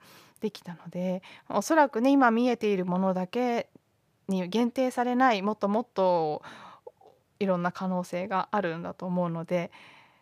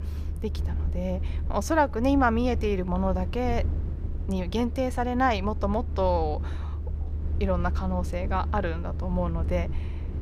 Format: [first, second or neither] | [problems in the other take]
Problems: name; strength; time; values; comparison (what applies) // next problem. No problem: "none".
first | low rumble; noticeable; throughout; 20 dB below the speech